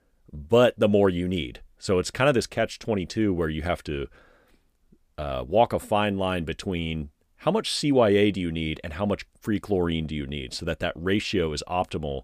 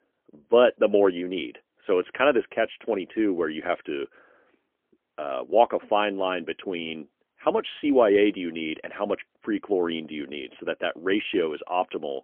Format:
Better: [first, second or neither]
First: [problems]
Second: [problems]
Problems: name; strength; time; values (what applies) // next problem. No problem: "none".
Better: first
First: none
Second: phone-call audio; poor line; nothing above 3.5 kHz